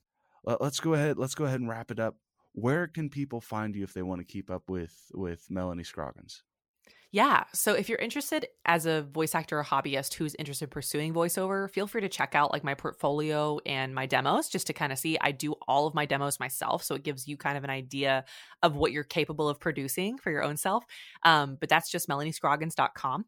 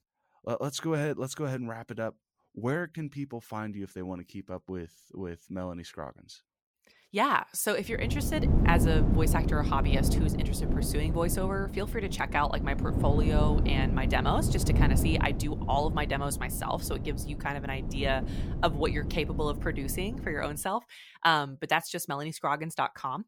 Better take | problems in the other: first | wind noise on the microphone; heavy; from 8 to 21 s; 8 dB below the speech

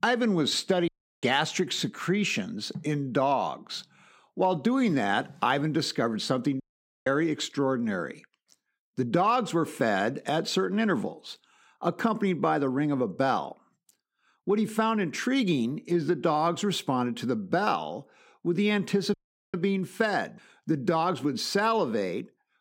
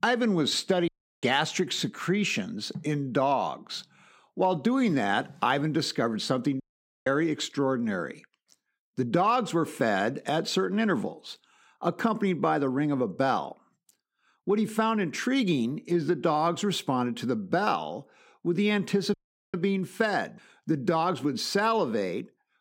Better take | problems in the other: neither | audio cutting out; at 1 s, at 6.5 s and at 19 s; the same in both

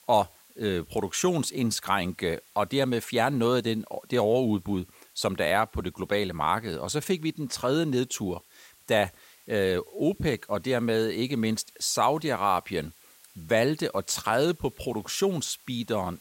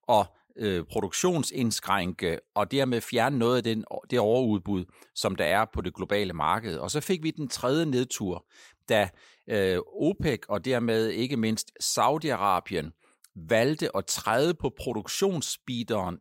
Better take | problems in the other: second | hiss; faint; throughout; 25 dB below the speech

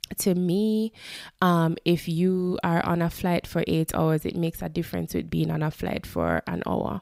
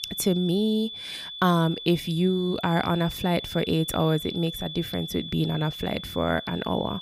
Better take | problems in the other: first | high-pitched whine; loud; throughout; 3.5 kHz, 10 dB below the speech

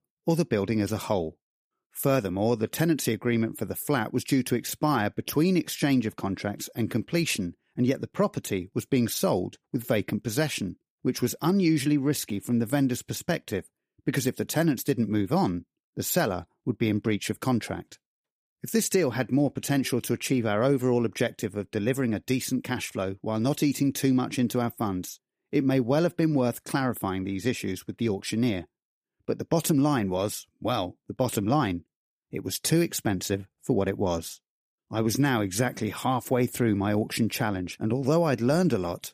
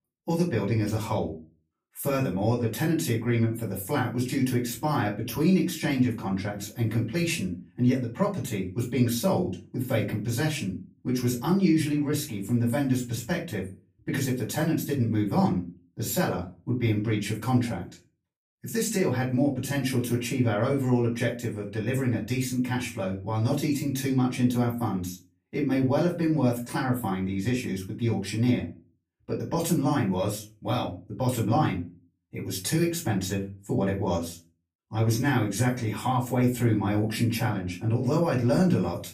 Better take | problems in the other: first | off-mic speech; far // room echo; very slight; dies away in 0.3 s

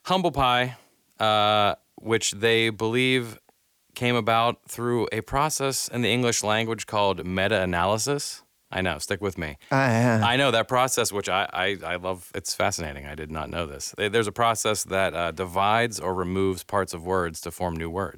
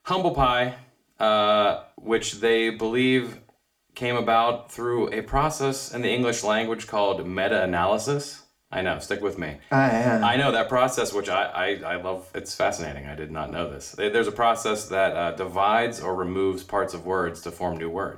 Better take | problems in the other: first | room echo; very slight; dies away in 0.4 s // off-mic speech; somewhat distant

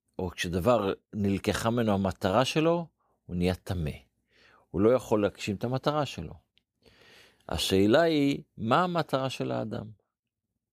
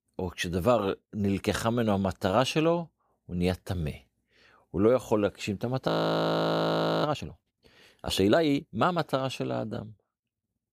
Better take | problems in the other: first | audio freezing; at 6 s for 1 s

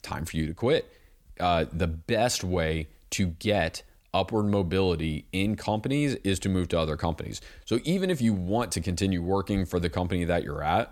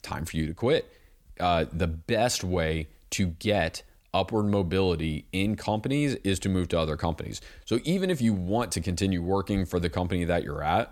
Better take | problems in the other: neither | none

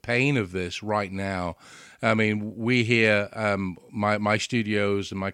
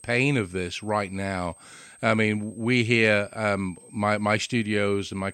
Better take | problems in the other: first | high-pitched whine; faint; throughout; 8.5 kHz, 25 dB below the speech

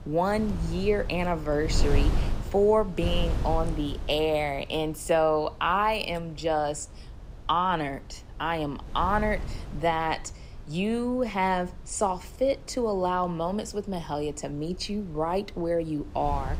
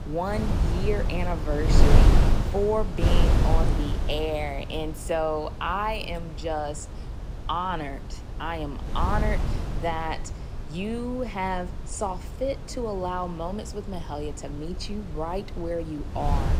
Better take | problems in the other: first | wind noise on the microphone; heavy; 7 dB below the speech; occasional gusts in the first

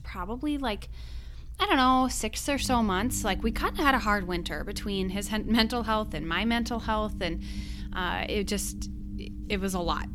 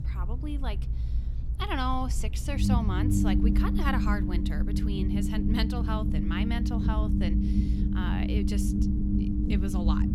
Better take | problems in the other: first | low rumble; loud; throughout; 1 dB below the speech; faint in the first

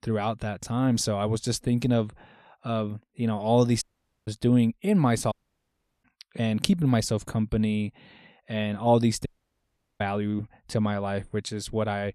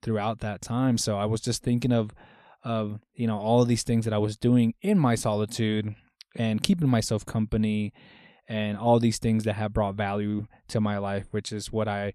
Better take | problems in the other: second | audio cutting out; at 4 s, at 5.5 s for 0.5 s and at 9.5 s for 0.5 s

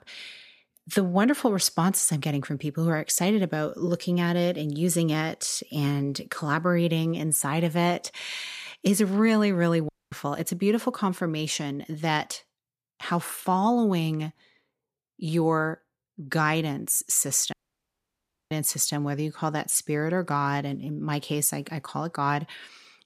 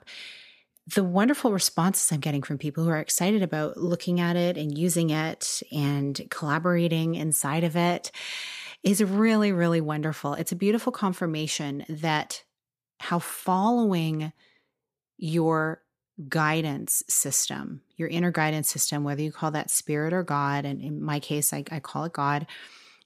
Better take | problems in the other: second | audio cutting out; at 10 s and at 18 s for 1 s

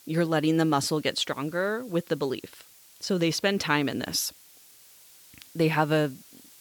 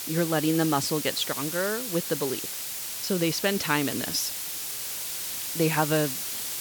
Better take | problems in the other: first | hiss; loud; throughout; 3 dB below the speech; faint in the first

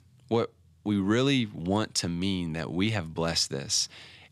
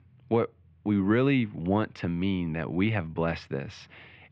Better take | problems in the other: first | muffled; very; fading above 2.5 kHz

